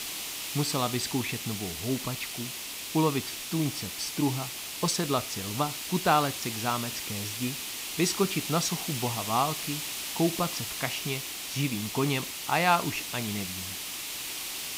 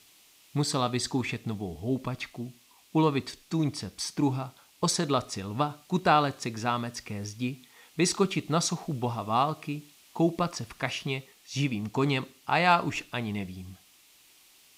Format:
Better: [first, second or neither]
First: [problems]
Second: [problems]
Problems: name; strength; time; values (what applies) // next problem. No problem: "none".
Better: second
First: hiss; loud; throughout; 3 dB below the speech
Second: hiss; faint; throughout; 25 dB below the speech